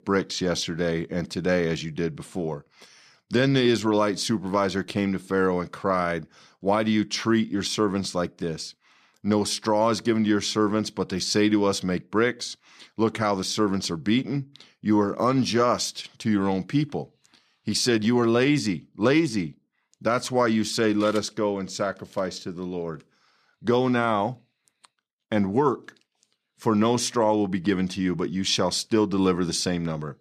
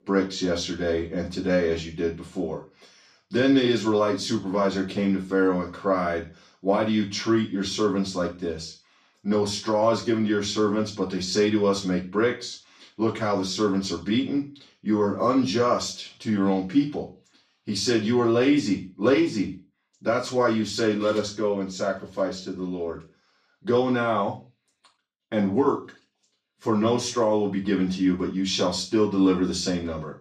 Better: first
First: none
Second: room echo; slight; dies away in 0.3 s // off-mic speech; far

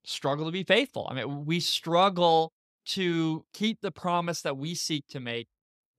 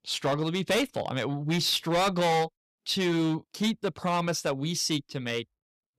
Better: first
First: none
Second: distortion; heavy; 11% of the sound clipped

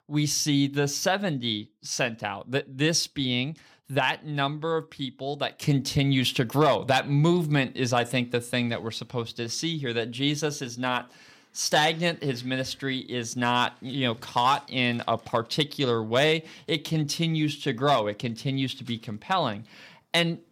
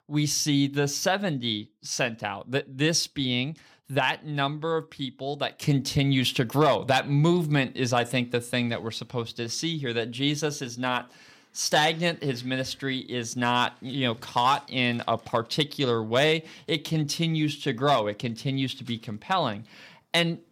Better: neither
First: none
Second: none

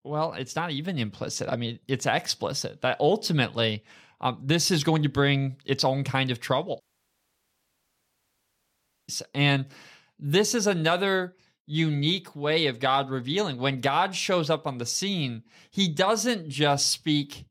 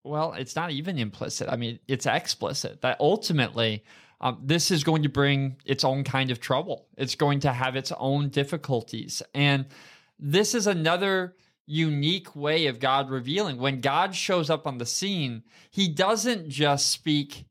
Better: second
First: audio cutting out; at 7 s for 2.5 s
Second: none

